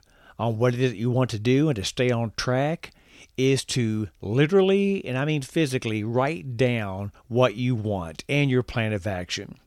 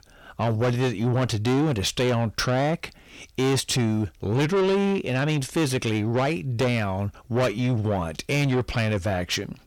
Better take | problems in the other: first | distortion; heavy; 8 dB below the speech

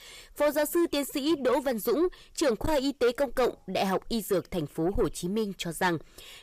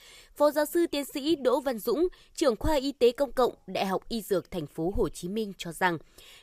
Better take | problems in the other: second | distortion; slight; 10 dB below the speech

